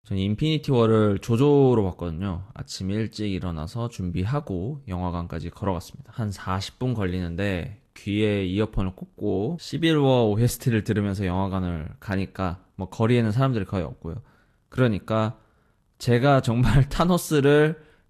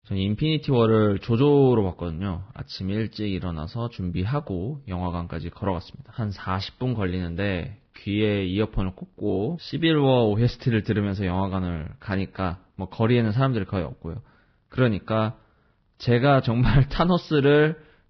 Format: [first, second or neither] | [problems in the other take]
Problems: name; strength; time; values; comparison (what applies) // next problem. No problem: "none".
first | garbled, watery; badly; nothing above 5.5 kHz; slightly in the first